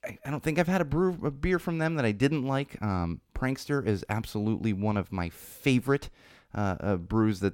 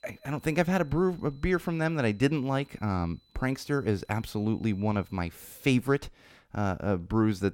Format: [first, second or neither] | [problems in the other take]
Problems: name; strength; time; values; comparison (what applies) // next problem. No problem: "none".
first | high-pitched whine; faint; until 5 s; 4 kHz, 35 dB below the speech